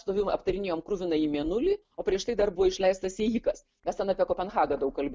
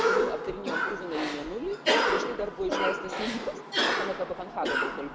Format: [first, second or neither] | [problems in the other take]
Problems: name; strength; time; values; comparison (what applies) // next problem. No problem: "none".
first | background sound (Cough); 5 dB above the speech